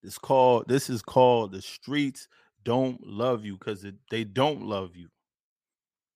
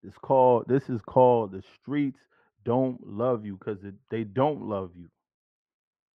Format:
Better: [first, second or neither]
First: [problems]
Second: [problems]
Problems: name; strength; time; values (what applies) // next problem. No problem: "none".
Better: first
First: none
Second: muffled; very; fading above 4 kHz